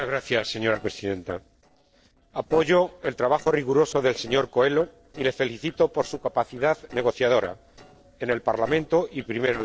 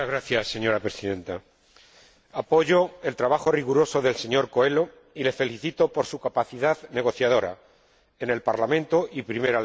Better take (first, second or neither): second